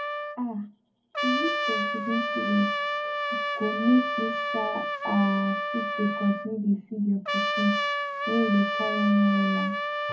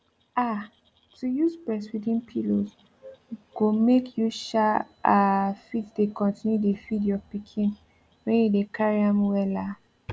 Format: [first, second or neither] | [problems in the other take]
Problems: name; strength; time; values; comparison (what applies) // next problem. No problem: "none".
second | background sound (Trumpet); 2 dB below the speech // room echo; dies away in 0.3 s